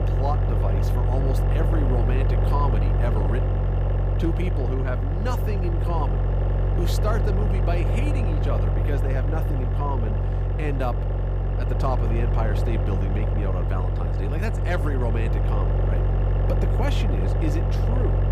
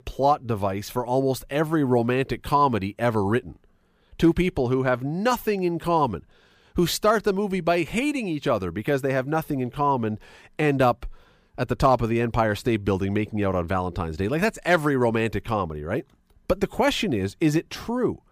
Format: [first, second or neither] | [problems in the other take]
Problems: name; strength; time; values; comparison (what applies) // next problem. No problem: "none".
second | low rumble; loud; throughout; 1 dB below the speech